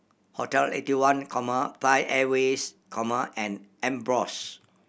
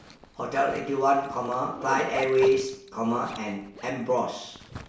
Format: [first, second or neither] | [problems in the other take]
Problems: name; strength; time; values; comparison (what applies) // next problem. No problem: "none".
first | background sound (Zipper (clothing)); 14 dB below the speech // room echo; dies away in 0.6 s